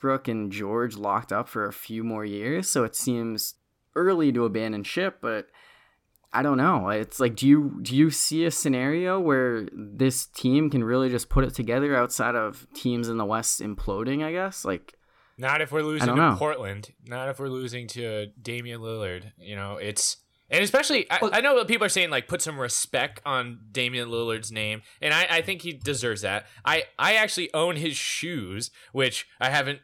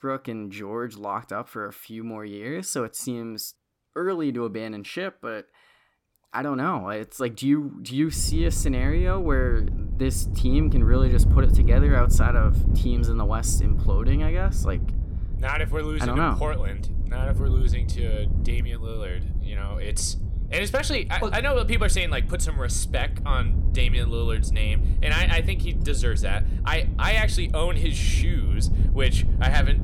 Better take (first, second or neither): first